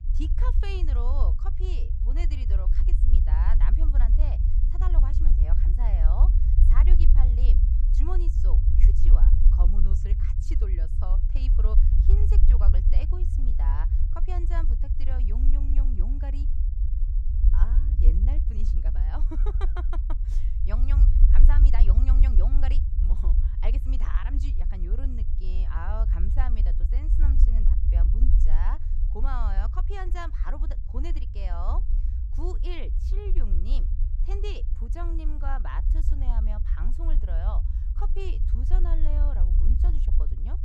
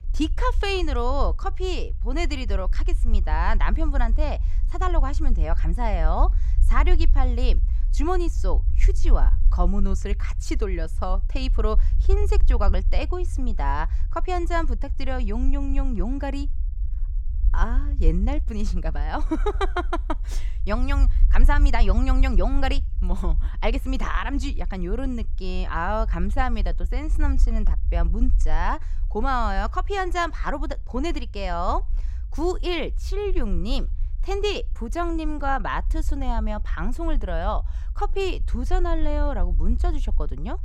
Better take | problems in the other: second | low rumble; loud; throughout; 4 dB below the speech; faint in the second

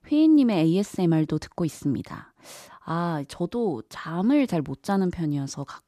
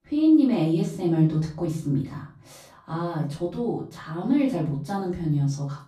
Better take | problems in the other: first | off-mic speech; far // room echo; slight; dies away in 0.4 s

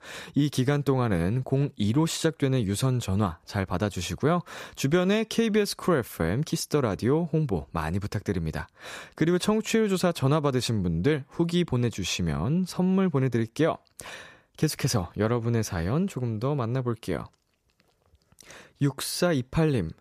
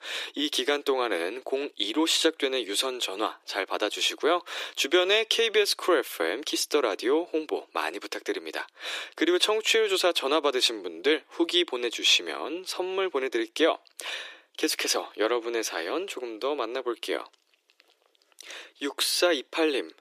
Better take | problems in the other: first | thin; very; fading below 300 Hz

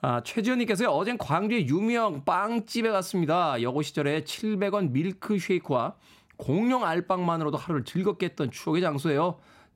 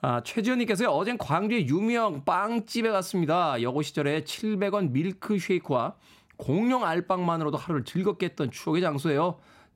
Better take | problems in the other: neither | none

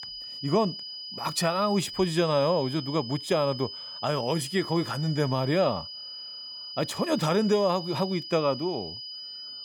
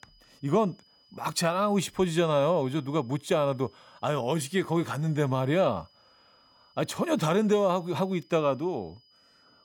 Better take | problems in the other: second | high-pitched whine; loud; throughout; 5 kHz, 9 dB below the speech; faint in the second

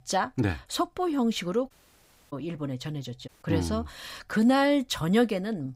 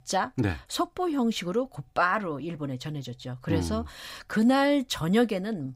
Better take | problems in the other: second | audio cutting out; at 1.5 s for 0.5 s and at 3.5 s

